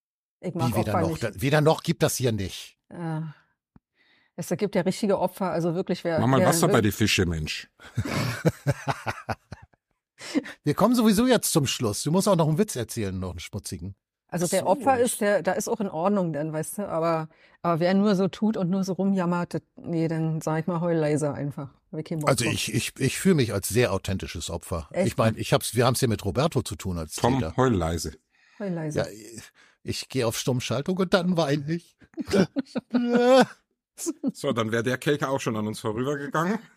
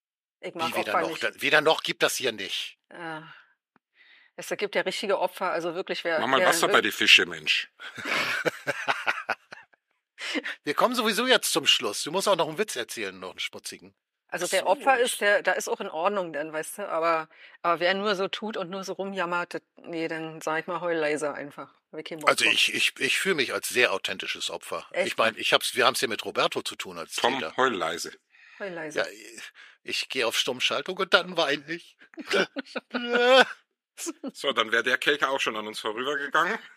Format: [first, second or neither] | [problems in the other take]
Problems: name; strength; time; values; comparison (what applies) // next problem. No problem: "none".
first | thin; somewhat; fading below 400 Hz